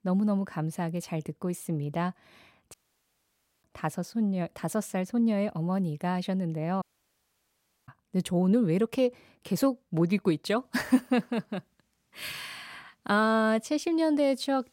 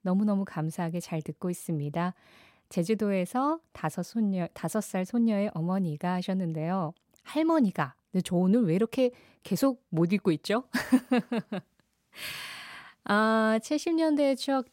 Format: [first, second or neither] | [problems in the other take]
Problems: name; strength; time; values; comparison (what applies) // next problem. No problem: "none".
second | audio cutting out; at 2.5 s for 1 s and at 7 s for 1 s